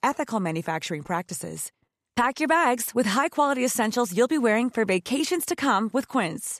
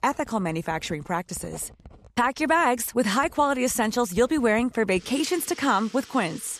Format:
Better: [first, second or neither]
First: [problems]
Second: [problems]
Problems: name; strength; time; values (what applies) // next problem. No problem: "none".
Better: first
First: none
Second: household noises; faint; throughout; 20 dB below the speech